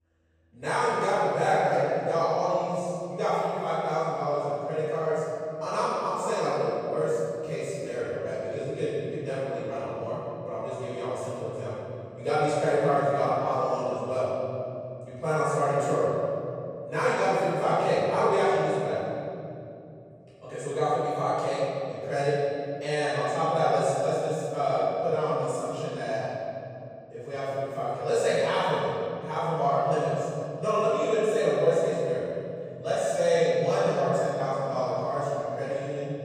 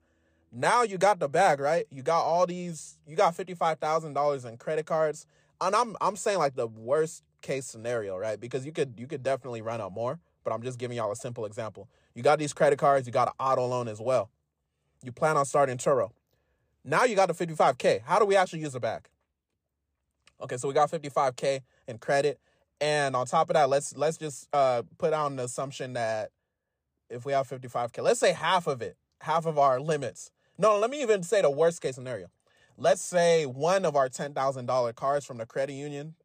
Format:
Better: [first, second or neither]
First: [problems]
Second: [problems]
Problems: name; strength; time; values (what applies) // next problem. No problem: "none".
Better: second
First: off-mic speech; far // room echo; strong; dies away in 3 s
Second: none